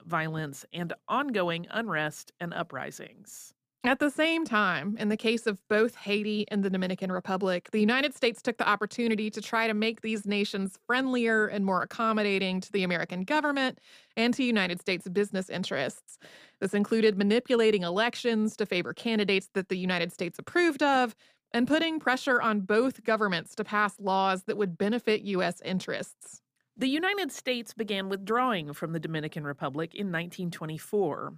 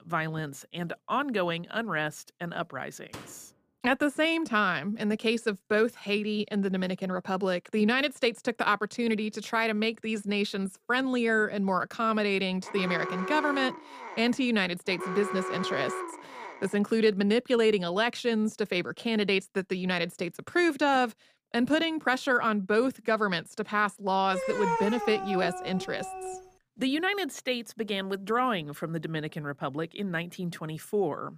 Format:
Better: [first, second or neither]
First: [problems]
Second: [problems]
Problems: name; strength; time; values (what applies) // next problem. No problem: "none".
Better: first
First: none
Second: door banging; faint; at 3 s; peak 15 dB below the speech // alarm; noticeable; from 13 to 17 s; peak 5 dB below the speech // dog barking; noticeable; from 24 to 26 s; peak 1 dB below the speech